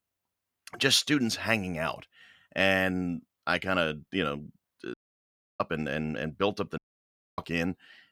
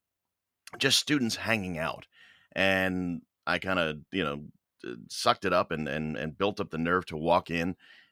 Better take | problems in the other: second | audio cutting out; at 5 s for 0.5 s and at 7 s for 0.5 s

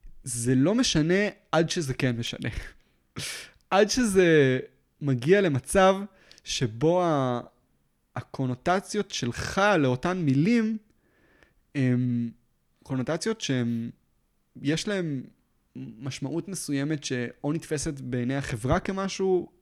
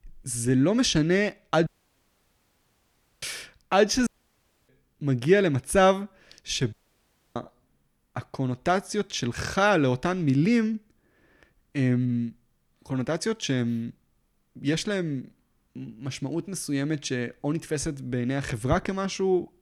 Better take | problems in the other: first | audio cutting out; at 1.5 s for 1.5 s, at 4 s for 0.5 s and at 6.5 s for 0.5 s

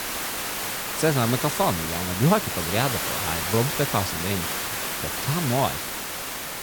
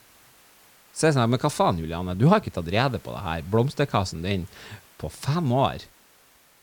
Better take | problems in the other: second | hiss; loud; throughout; 1 dB below the speech; faint in the second

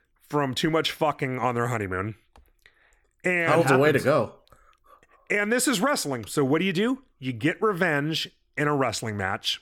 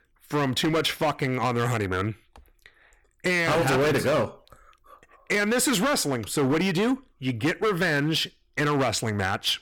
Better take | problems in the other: first | distortion; heavy; 14% of the sound clipped

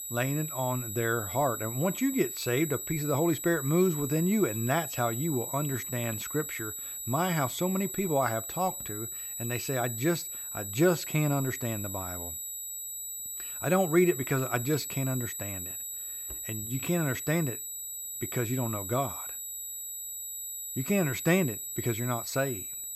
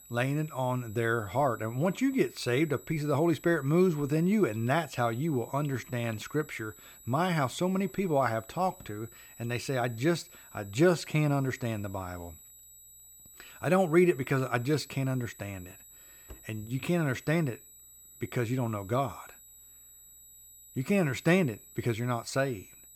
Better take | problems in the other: second | high-pitched whine; loud; throughout; 8 kHz, 5 dB below the speech; faint in the second

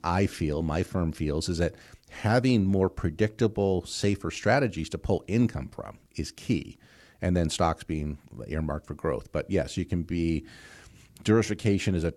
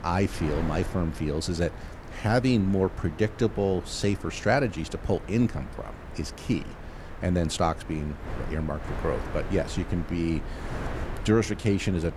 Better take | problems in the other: first | wind noise on the microphone; occasional gusts; 10 dB below the speech

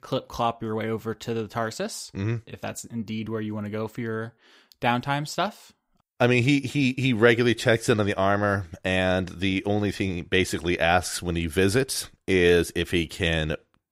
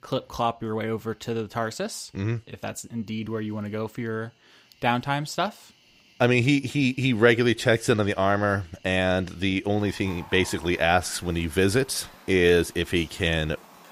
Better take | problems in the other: first | animal sounds; faint; throughout; 25 dB below the speech

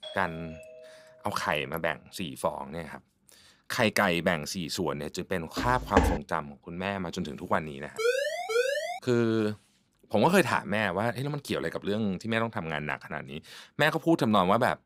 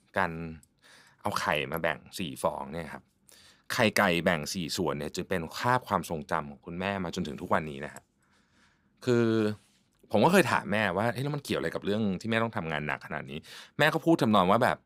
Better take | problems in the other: second | doorbell; faint; until 1.5 s; peak 15 dB below the speech // footsteps; loud; at 5.5 s; peak 3 dB above the speech // siren; loud; from 8 to 9 s; peak 1 dB above the speech

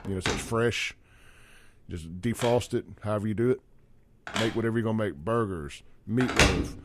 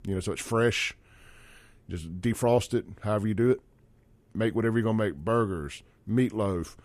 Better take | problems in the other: second | alarms or sirens; very loud; throughout; as loud as the speech

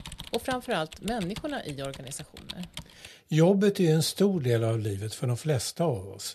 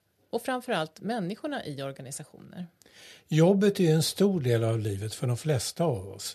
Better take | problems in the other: second | keyboard typing; faint; until 3 s; peak 10 dB below the speech

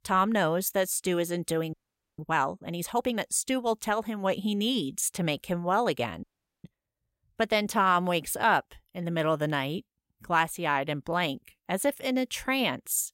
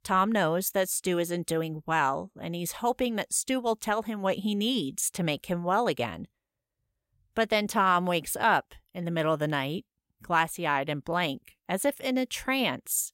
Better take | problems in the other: second | audio freezing; at 1.5 s and at 6 s

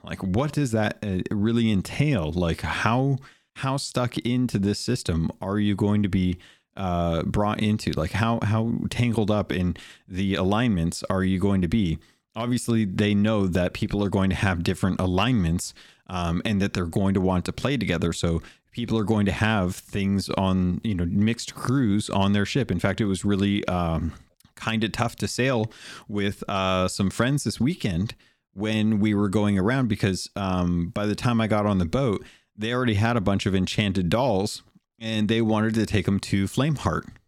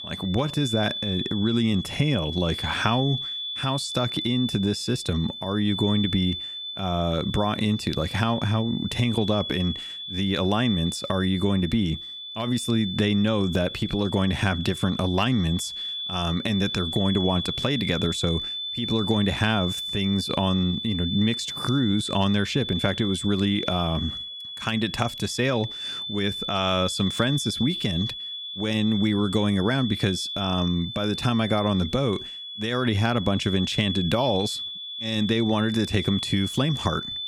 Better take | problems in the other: first | high-pitched whine; loud; throughout; 3.5 kHz, 6 dB below the speech

